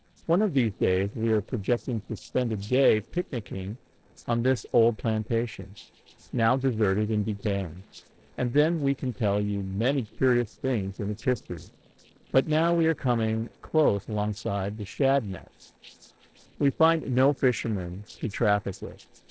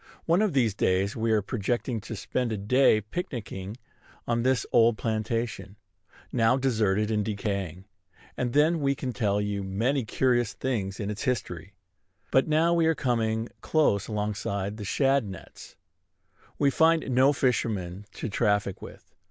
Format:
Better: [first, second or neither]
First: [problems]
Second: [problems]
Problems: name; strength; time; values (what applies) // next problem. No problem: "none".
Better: second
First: noise reduction (neural separator model SepFormer DNS4)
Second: none